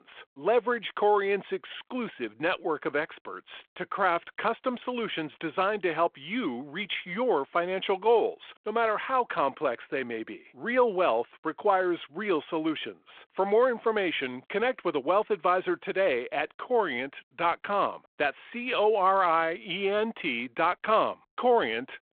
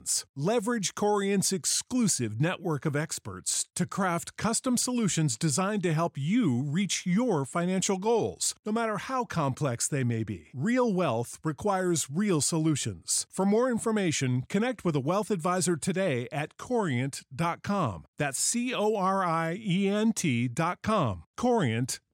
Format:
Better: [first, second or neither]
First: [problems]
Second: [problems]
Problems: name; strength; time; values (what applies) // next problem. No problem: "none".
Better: second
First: phone-call audio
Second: none